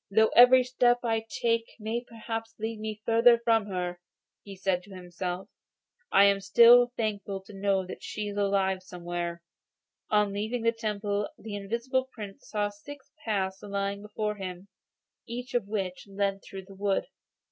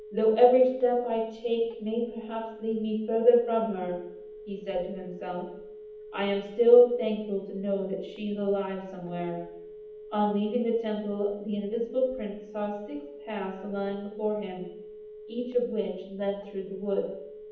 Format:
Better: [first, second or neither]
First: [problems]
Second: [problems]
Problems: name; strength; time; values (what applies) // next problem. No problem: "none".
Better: first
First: none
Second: background sound (Telephone); 17 dB below the speech // room echo; dies away in 0.8 s